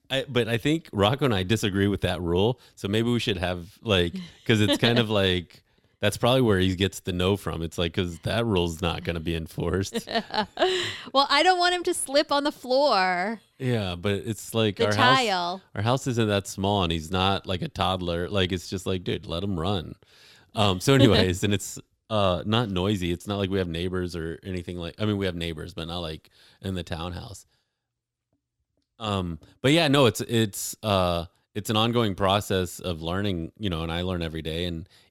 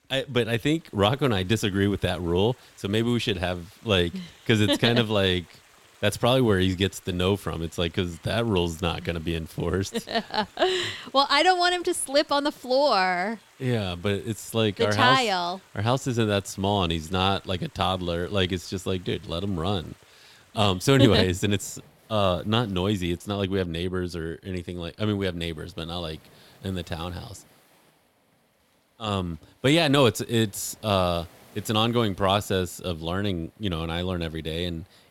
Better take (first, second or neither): first